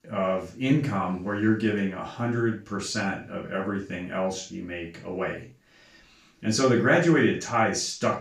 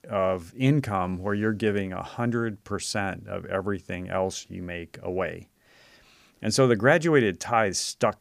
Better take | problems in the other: second | room echo; noticeable; dies away in 0.3 s // off-mic speech; far

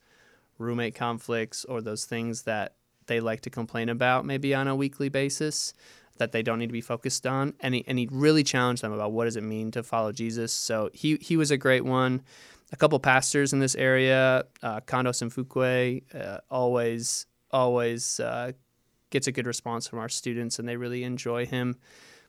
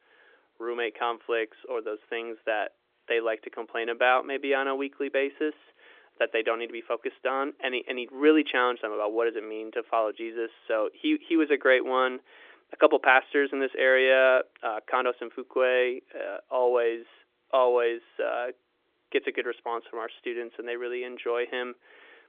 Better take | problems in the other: first | phone-call audio; nothing above 3.5 kHz

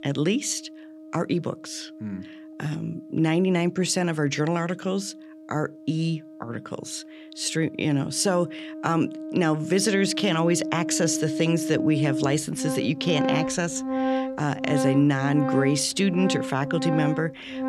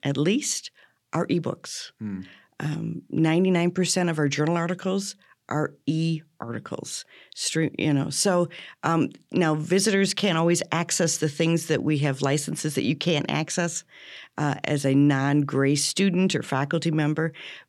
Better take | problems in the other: second | background music; loud; throughout; 5 dB below the speech

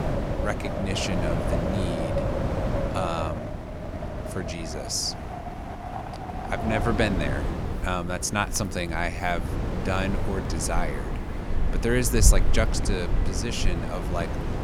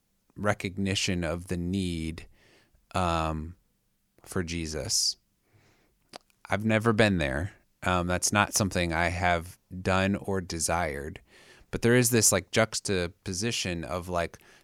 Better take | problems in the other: second | wind in the background; loud; throughout; 1 dB below the speech

